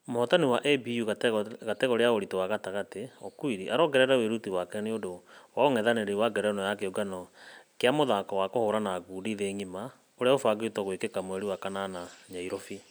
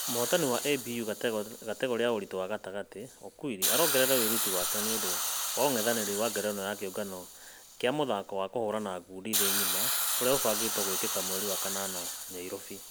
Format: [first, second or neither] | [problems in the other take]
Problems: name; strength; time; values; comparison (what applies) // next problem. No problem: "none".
first | background sound (Hiss); 1 dB below the speech